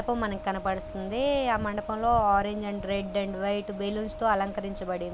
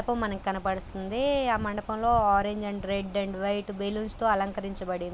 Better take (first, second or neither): second